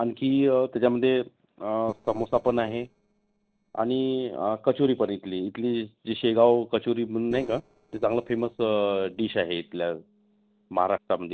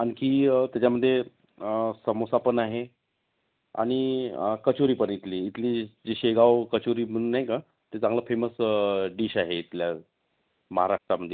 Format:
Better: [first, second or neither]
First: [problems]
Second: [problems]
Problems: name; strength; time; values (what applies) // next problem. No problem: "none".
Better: second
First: noise reduction (neural separator model SepFormer DNS4)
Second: none